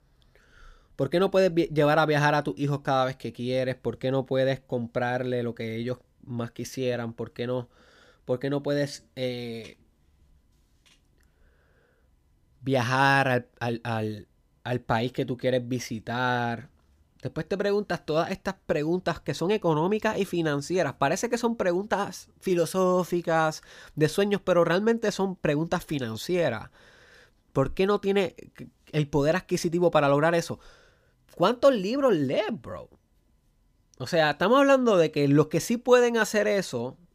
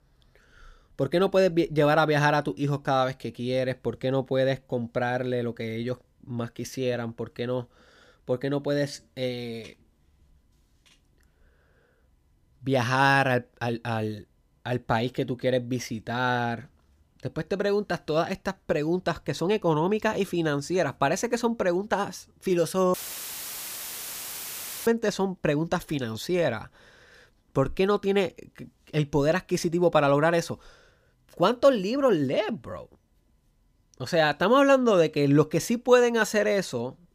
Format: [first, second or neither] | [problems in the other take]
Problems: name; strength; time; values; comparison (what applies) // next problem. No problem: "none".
first | audio cutting out; filled with static; at 23 s for 2 s